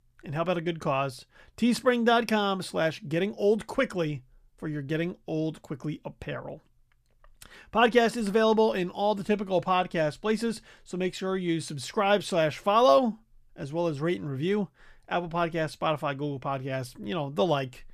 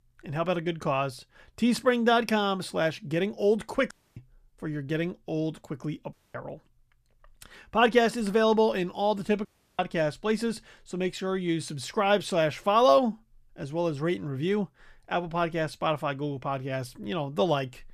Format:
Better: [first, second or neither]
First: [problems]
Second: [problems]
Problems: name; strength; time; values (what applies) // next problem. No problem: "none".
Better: first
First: none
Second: audio cutting out; at 4 s, at 6 s and at 9.5 s